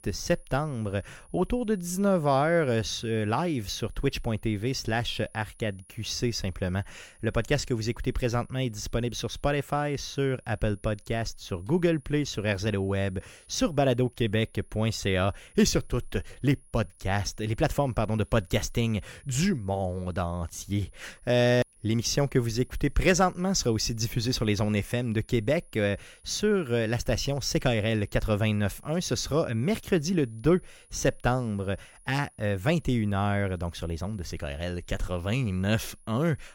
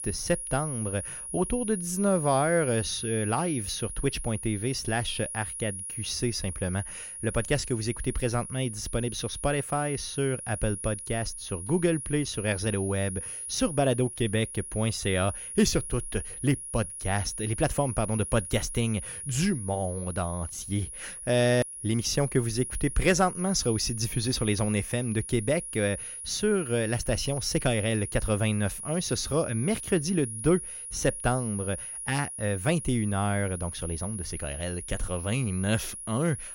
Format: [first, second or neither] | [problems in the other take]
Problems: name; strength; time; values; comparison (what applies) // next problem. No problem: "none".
first | high-pitched whine; loud; throughout; 10.5 kHz, 7 dB below the speech; faint in the first